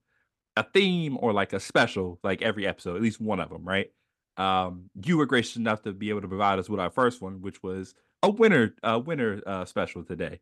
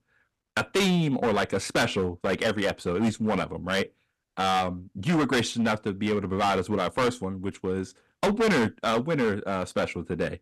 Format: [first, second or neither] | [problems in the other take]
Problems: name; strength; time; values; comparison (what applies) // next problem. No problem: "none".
first | distortion; heavy; 13% of the sound clipped